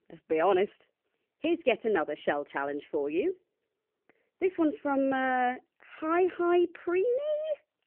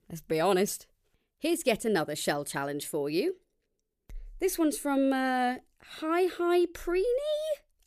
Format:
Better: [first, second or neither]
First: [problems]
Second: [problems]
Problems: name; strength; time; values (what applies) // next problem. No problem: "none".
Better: second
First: phone-call audio; nothing above 3 kHz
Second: none